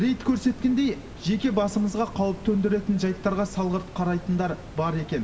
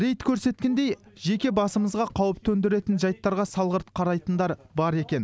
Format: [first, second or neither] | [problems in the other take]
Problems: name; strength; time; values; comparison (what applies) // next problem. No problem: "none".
second | background sound (Water); 16 dB below the speech // room echo; dies away in 2 s